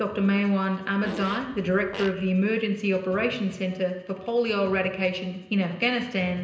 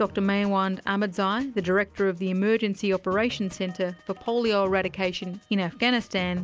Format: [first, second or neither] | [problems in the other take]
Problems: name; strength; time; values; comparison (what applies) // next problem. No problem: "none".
second | background sound (Fart); 13 dB below the speech // room echo; dies away in 0.9 s